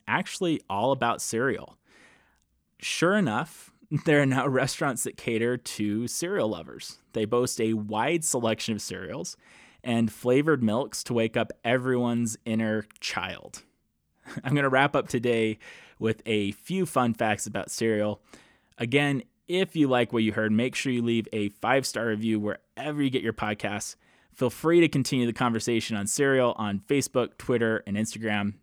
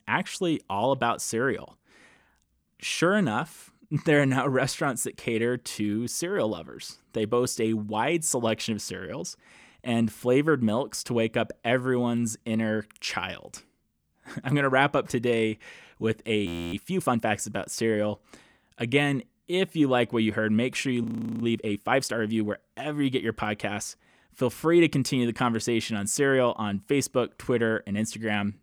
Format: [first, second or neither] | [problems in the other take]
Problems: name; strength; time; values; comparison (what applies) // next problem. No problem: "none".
first | audio freezing; at 16 s and at 21 s